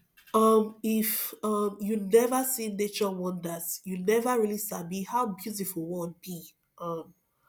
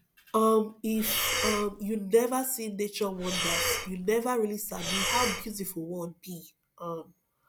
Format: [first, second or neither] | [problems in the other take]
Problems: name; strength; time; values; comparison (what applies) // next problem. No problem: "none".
first | background sound (Breathing); 2 dB below the speech